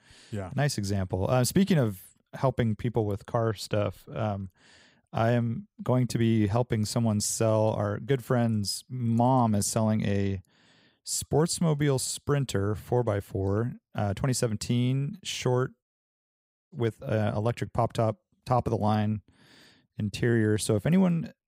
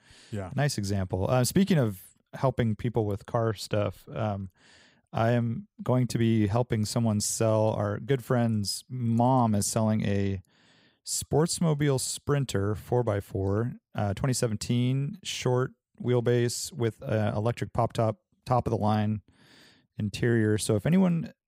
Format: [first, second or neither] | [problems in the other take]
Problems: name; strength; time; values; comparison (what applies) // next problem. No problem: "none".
second | audio cutting out; at 16 s for 1 s